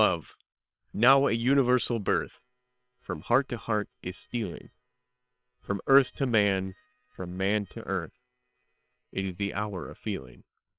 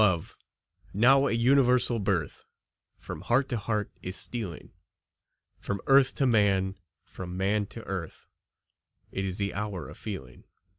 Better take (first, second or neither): second